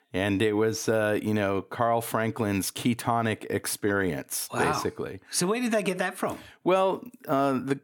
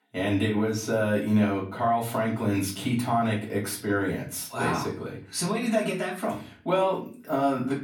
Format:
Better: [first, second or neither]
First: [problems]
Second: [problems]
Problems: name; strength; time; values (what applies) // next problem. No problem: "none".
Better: first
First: none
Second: off-mic speech; far // room echo; slight; dies away in 0.4 s